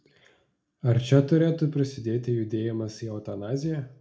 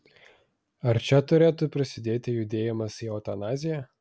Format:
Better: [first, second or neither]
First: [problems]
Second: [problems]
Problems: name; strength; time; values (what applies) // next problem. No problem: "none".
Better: second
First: room echo; dies away in 0.4 s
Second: none